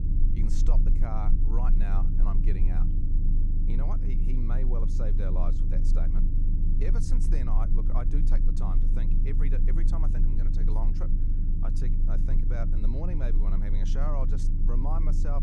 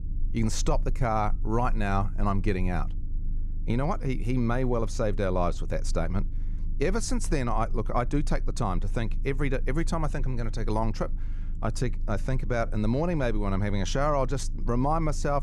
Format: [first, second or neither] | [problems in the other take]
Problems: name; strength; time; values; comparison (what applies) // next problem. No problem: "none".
second | low rumble; loud; throughout; 3 dB below the speech; faint in the second